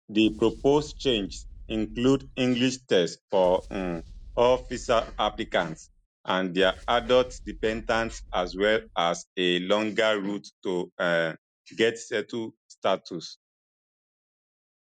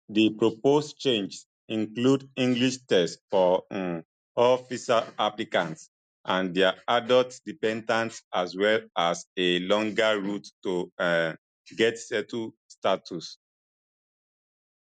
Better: second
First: background sound (Boom); 17 dB below the speech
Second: none

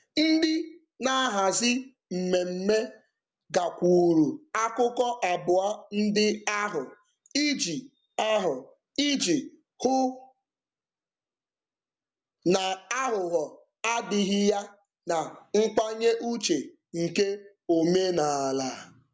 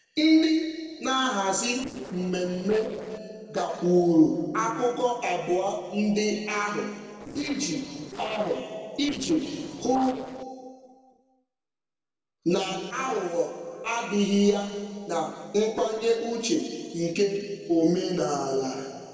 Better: first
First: none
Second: noise reduction (neural separator model SepFormer DNS4)

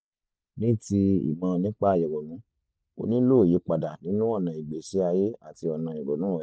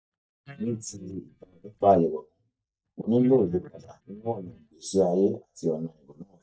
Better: first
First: none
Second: noise reduction (neural mask model DeepFilterNet 3)

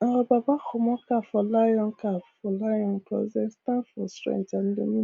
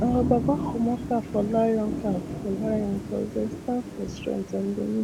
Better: first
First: none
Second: background sound (Thunder / Rain); 5 dB below the speech

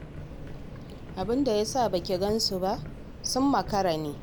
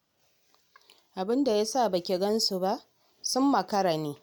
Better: second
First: background sound (Subway, metro, underground); 11 dB below the speech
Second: none

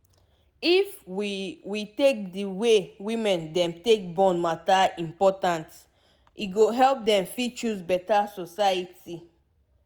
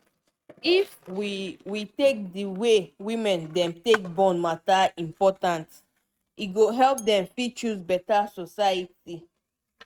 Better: first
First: none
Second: noise reduction (neural mask model RNNoise)

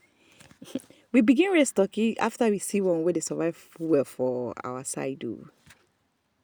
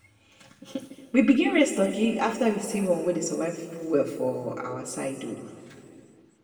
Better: first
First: none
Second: room echo; dies away in 1.9 s

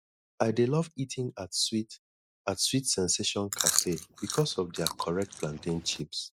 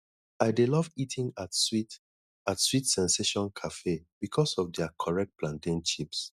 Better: second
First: noise reduction (neural mask model Resemble Enhance denoiser)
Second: none

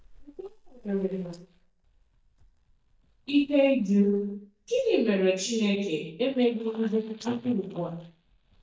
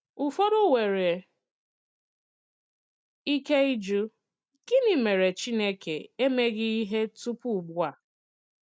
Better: second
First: noise reduction (neural mask model DeepFilterNet 3)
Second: none

